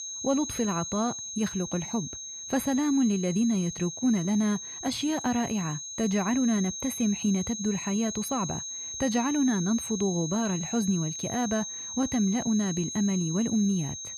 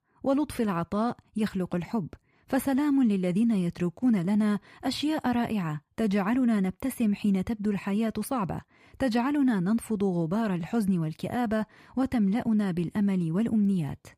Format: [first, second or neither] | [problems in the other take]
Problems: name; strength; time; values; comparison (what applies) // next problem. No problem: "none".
second | high-pitched whine; loud; throughout; 6.5 kHz, 6 dB below the speech